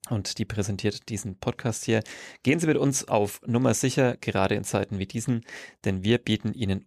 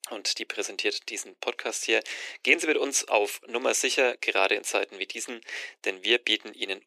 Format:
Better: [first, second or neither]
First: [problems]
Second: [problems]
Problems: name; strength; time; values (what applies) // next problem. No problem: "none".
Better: first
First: none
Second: thin; very; fading below 350 Hz